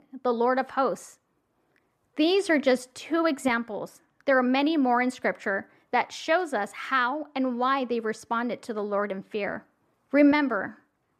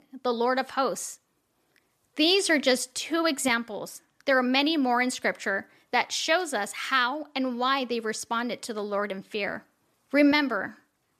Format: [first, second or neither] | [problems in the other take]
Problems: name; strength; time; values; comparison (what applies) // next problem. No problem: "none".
second | muffled; slightly; fading above 2.5 kHz